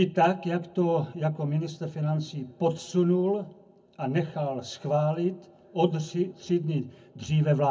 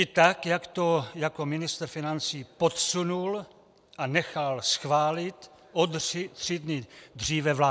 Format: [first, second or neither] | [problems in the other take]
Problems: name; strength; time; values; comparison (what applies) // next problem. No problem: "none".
second | room echo; dies away in 0.3 s